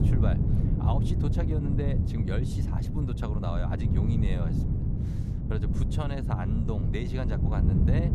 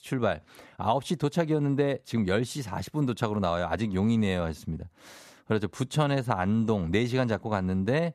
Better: second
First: wind noise on the microphone; heavy; 1 dB below the speech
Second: none

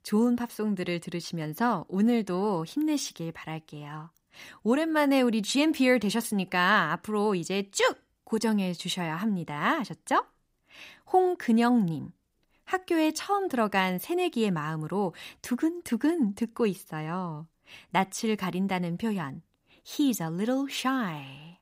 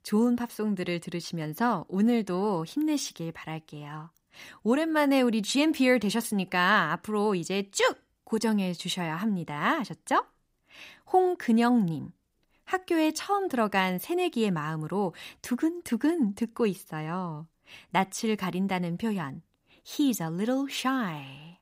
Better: neither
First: none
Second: none

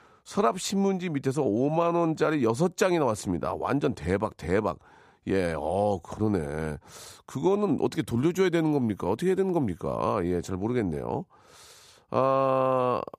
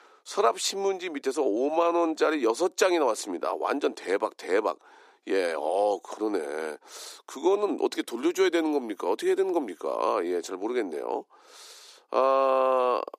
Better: first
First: none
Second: thin; somewhat; fading below 300 Hz

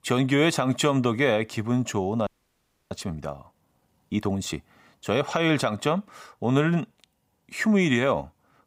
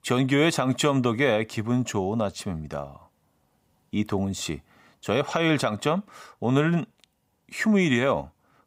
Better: second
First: audio freezing; at 2.5 s for 0.5 s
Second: none

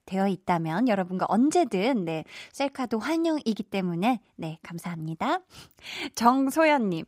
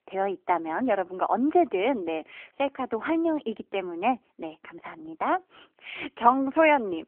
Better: first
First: none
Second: phone-call audio

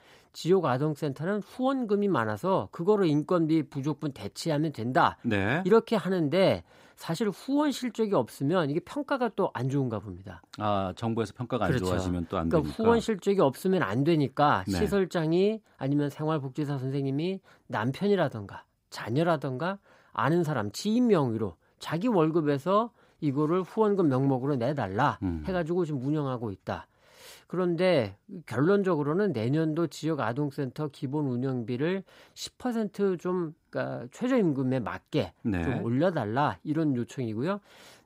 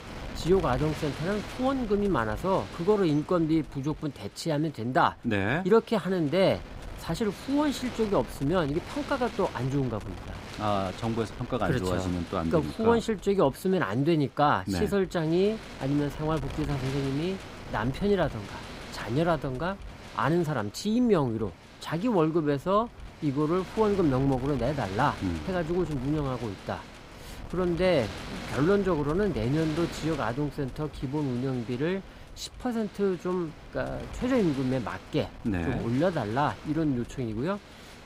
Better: first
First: none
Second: wind noise on the microphone; occasional gusts; 15 dB below the speech

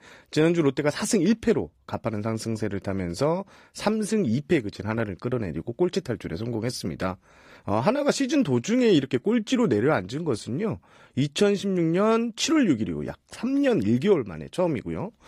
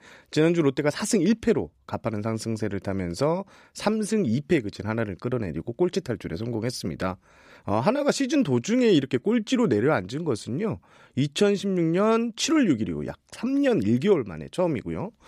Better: second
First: garbled, watery; slightly; nothing above 15 kHz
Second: none

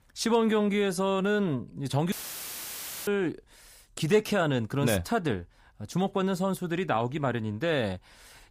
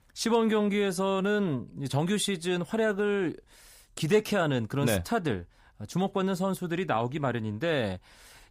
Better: second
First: audio cutting out; filled with static; at 2 s for 1 s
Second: none

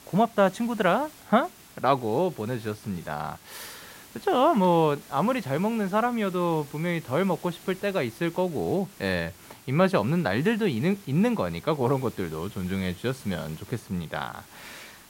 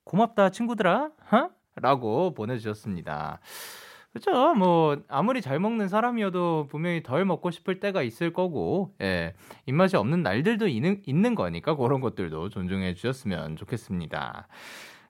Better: second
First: hiss; faint; throughout; 20 dB below the speech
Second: none

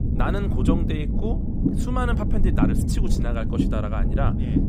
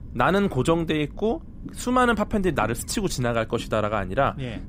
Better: second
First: low rumble; loud; throughout; 1 dB below the speech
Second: low rumble; faint; throughout; 25 dB below the speech

